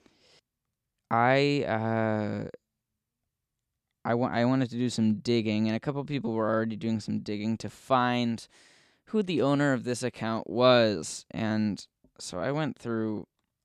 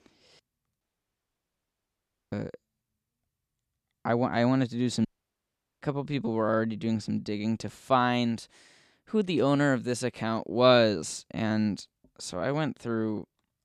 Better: first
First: none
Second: audio cutting out; at 1 s for 1.5 s and at 5 s for 1 s

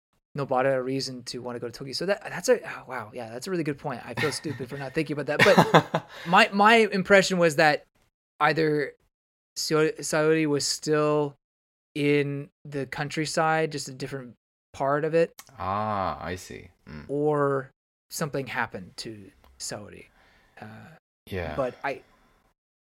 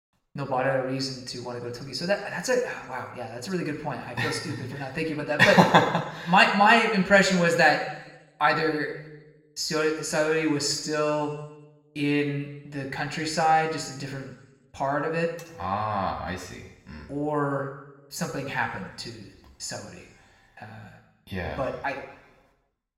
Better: first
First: none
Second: room echo; slight; dies away in 0.9 s

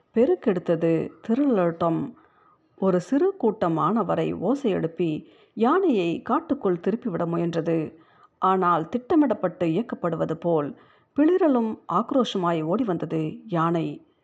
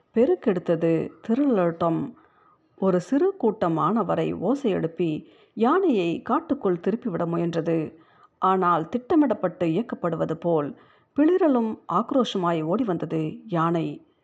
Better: neither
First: muffled; very; fading above 2.5 kHz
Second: muffled; very; fading above 2.5 kHz

